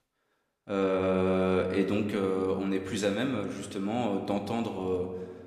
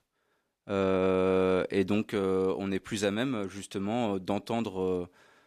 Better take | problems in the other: second | room echo; slight; dies away in 1.2 s

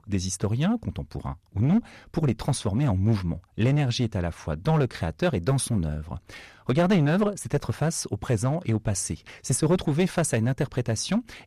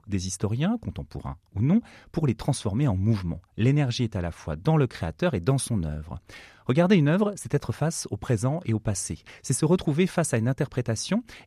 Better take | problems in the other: second | distortion; slight; 5% of the sound clipped

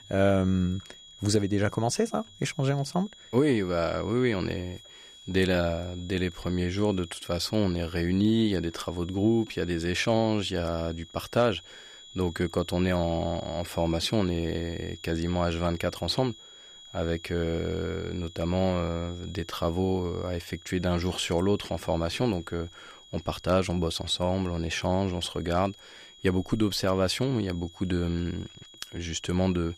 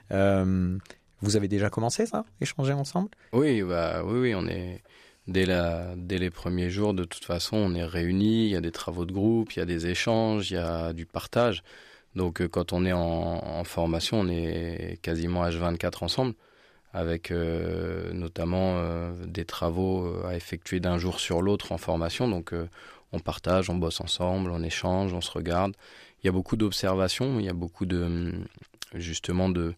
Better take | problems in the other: second | high-pitched whine; noticeable; throughout; 3.5 kHz, 20 dB below the speech

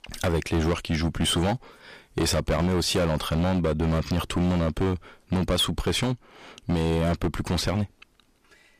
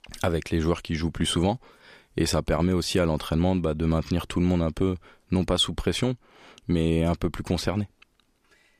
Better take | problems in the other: second | distortion; heavy; 16% of the sound clipped

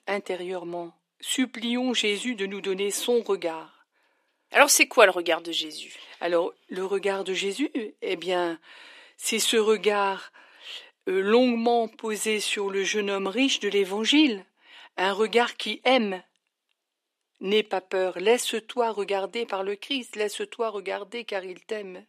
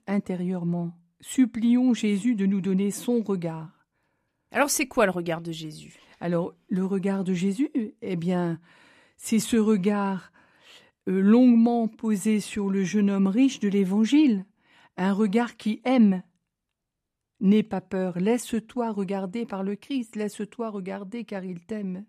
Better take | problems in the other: second | thin; somewhat; fading below 350 Hz

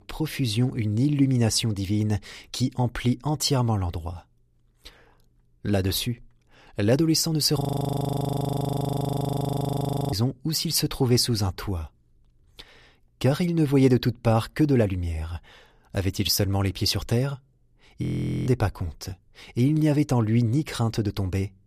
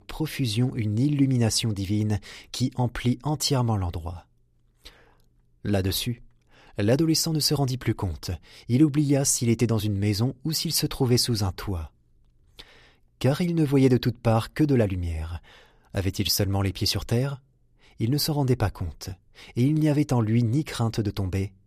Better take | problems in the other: second | audio freezing; at 7.5 s for 2.5 s and at 18 s

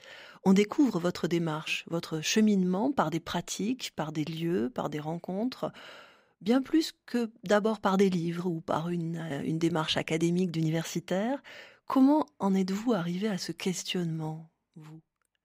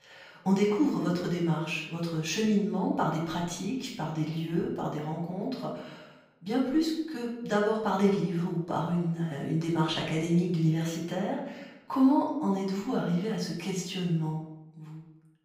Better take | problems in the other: first | off-mic speech; far // room echo; noticeable; dies away in 0.7 s

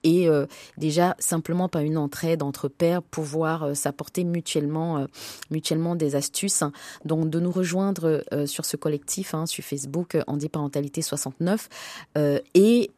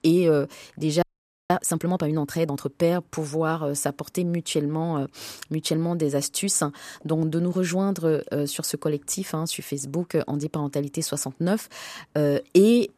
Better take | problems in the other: first | audio freezing; at 1 s

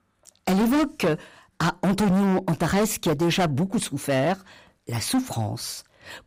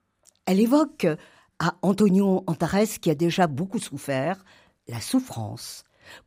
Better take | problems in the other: second | distortion; heavy; 15% of the sound clipped

